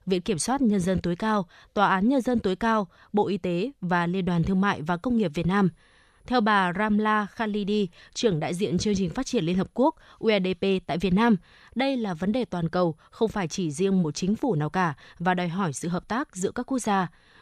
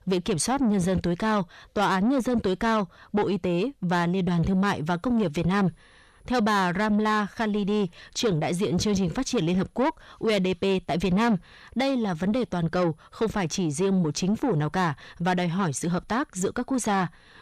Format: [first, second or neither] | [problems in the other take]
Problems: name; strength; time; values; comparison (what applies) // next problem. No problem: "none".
first | distortion; slight; 10 dB below the speech